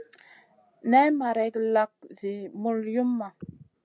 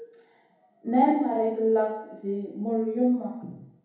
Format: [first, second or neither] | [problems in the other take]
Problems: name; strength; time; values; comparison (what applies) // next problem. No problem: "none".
first | room echo; dies away in 2.1 s